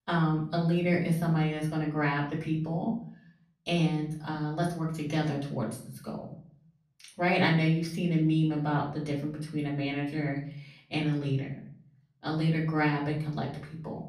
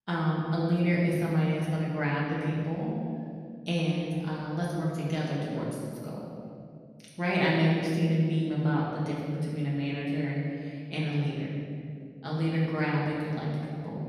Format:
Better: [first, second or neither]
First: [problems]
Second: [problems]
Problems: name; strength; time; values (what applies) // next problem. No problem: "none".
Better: first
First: room echo; slight; dies away in 0.5 s // off-mic speech; far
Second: room echo; strong; dies away in 2.1 s // off-mic speech; far